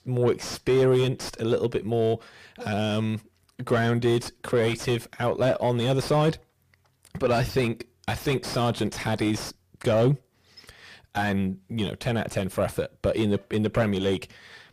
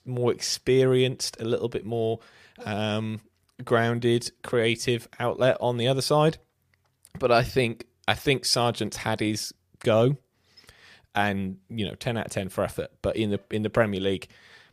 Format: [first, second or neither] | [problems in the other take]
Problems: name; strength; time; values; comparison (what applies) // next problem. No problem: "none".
second | distortion; heavy; 7 dB below the speech